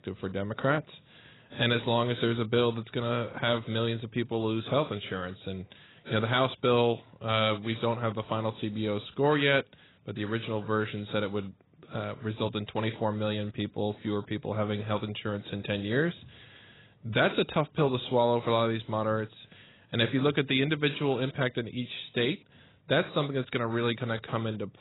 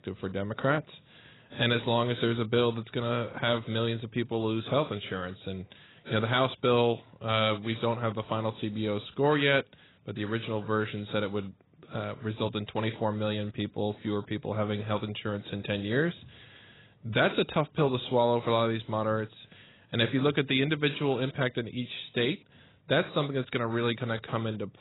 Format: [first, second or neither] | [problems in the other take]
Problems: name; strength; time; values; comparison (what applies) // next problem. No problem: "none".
neither | garbled, watery; badly; nothing above 4 kHz; the same in both